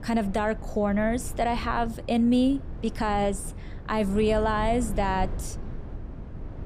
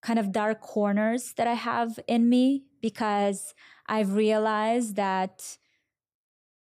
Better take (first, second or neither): second